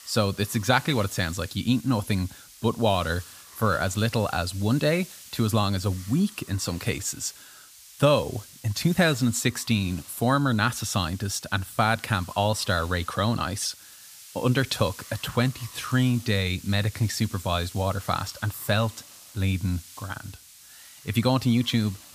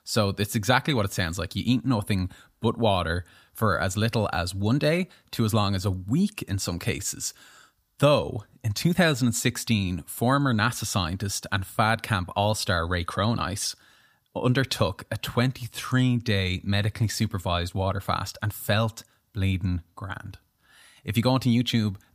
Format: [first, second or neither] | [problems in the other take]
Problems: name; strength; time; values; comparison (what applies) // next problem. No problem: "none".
second | hiss; noticeable; throughout; 20 dB below the speech